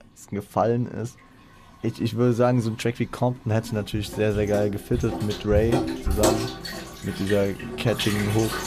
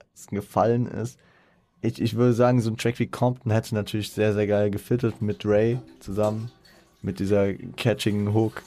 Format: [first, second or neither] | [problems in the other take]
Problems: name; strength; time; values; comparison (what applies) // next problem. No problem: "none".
second | household noises; loud; throughout; 4 dB below the speech; faint in the second